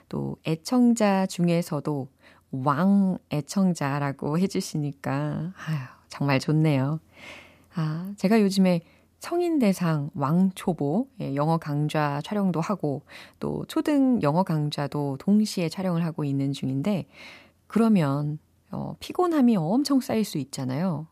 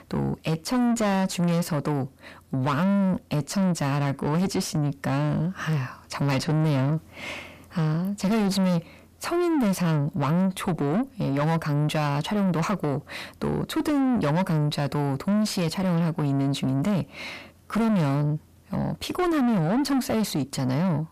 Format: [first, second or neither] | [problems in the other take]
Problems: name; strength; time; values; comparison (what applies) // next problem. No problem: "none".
first | distortion; heavy; 7 dB below the speech